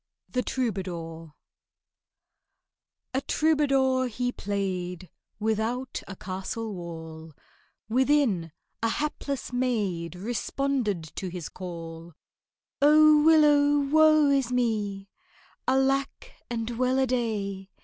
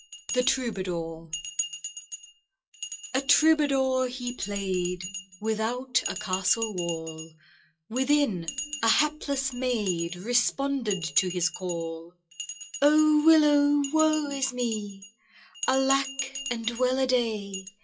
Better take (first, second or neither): first